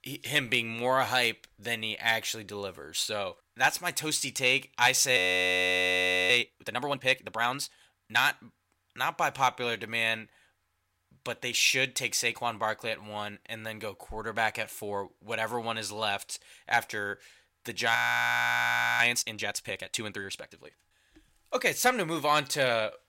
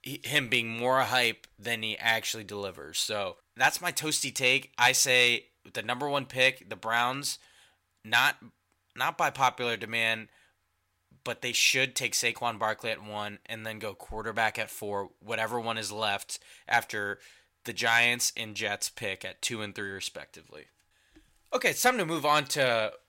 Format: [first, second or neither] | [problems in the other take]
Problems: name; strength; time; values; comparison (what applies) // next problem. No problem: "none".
second | audio freezing; at 5 s for 1 s and at 18 s for 1 s